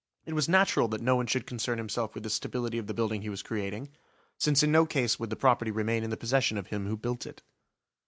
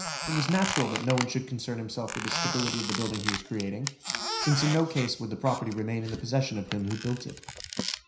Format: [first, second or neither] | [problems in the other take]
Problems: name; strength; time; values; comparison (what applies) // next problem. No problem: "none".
first | background sound (Squeak); 5 dB below the speech // room echo; dies away in 0.5 s